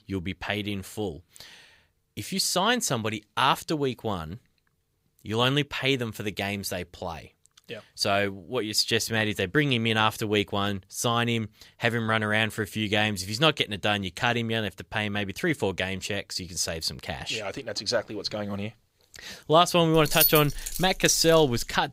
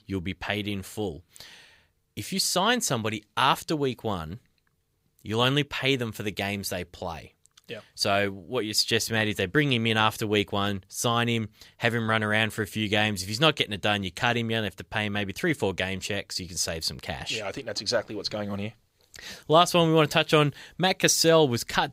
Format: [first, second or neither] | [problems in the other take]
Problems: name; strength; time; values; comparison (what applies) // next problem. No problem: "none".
second | jangling keys; loud; from 20 s on; peak 4 dB above the speech